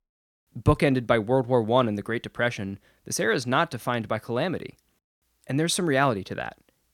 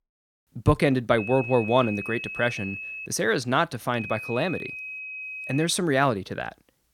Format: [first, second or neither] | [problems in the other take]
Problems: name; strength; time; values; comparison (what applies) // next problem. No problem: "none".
first | high-pitched whine; loud; from 1 to 3 s and from 4 to 5.5 s; 2.5 kHz, 9 dB below the speech